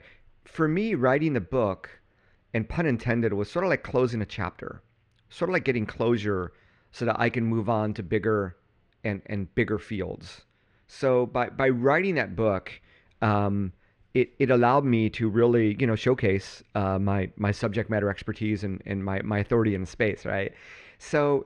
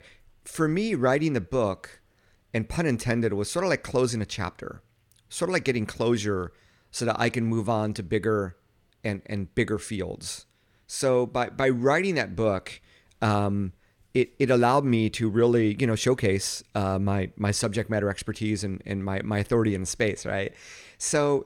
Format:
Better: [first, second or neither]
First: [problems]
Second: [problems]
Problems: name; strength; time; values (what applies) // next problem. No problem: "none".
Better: second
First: muffled; slightly; fading above 2.5 kHz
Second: none